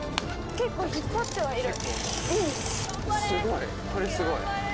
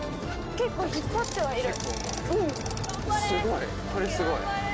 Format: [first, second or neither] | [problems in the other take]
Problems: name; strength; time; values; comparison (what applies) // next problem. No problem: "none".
second | background sound (Tearing); 10 dB below the speech